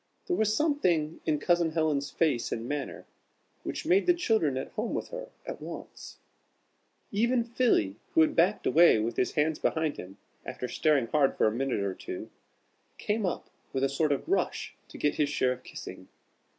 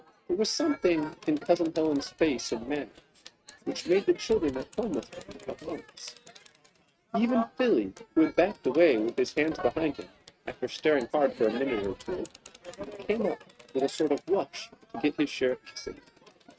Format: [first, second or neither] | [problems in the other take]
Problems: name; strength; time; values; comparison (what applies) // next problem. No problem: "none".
first | noise reduction (neural mask model RNNoise)